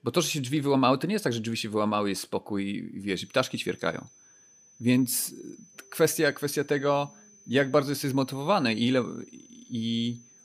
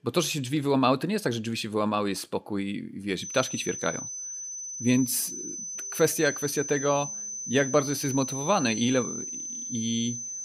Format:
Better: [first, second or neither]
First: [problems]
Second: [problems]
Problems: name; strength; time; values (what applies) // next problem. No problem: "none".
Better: first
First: high-pitched whine; faint; from 3 s on; 6 kHz, 25 dB below the speech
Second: high-pitched whine; loud; from 3 s on; 6 kHz, 6 dB below the speech